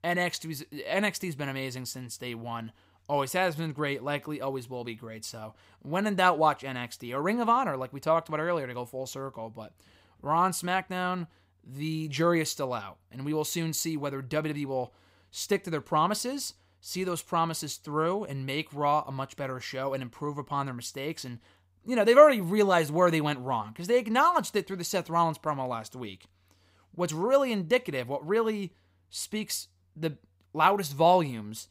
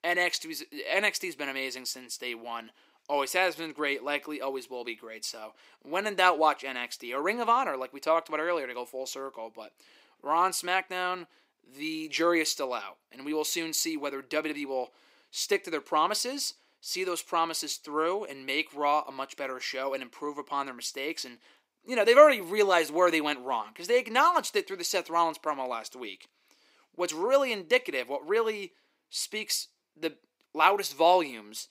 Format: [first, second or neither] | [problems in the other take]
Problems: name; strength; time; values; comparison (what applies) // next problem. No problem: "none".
first | thin; somewhat; fading below 300 Hz